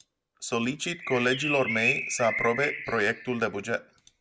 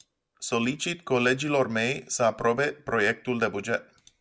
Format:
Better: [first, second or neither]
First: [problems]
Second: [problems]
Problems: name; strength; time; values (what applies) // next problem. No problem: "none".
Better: second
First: background sound (Bird); 4 dB below the speech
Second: none